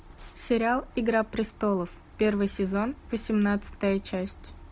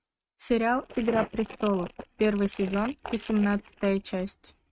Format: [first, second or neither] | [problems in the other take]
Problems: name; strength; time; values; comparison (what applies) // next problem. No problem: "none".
first | noise reduction (neural mask model RNNoise)